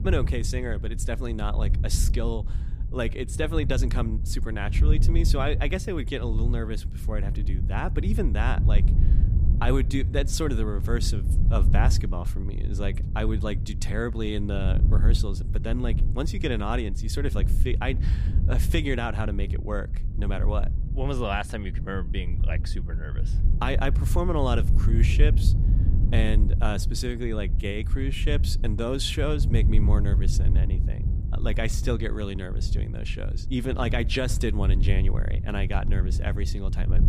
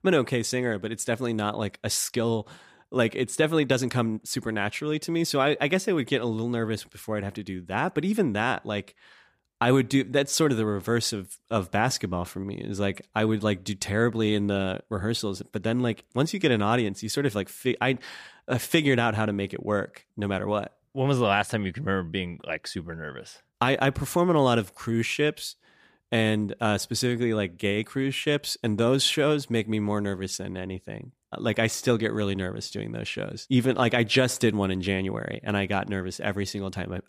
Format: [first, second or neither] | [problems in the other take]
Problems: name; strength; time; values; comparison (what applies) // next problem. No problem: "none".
second | low rumble; noticeable; throughout; 10 dB below the speech